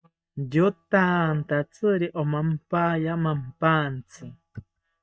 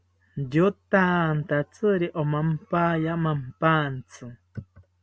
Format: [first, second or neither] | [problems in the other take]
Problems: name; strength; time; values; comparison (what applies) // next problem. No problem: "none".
second | noise reduction (neural mask model DeepFilterNet 3)